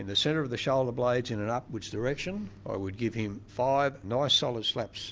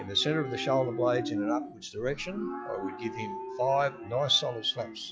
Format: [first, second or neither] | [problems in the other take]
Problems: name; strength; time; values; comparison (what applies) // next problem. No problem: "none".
first | noise reduction (classical method log-MMSE)